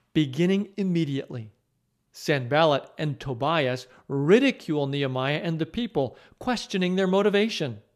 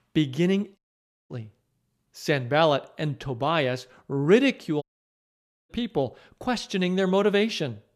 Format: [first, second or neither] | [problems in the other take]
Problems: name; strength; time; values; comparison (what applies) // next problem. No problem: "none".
first | audio cutting out; at 1 s for 0.5 s and at 5 s for 1 s